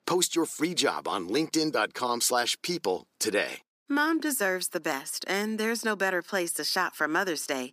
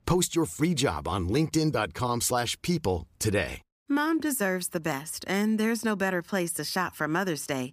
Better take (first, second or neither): second